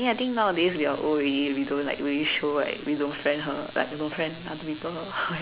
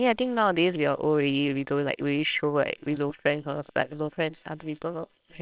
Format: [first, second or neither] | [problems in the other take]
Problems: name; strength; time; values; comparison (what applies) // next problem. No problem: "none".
first | noise reduction (neural separator model SepFormer WHAMR!)